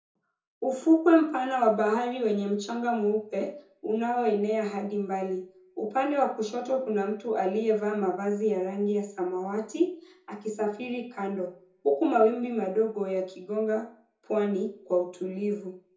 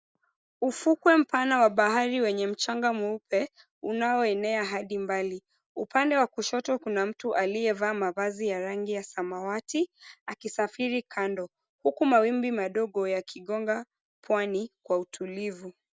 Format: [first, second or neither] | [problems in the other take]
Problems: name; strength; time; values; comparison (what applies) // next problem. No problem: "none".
second | room echo; dies away in 0.6 s